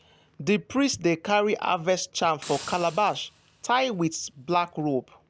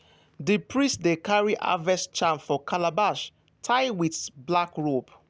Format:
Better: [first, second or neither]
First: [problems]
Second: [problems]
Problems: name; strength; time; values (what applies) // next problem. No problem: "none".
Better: second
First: background sound (Hiss); 19 dB below the speech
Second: none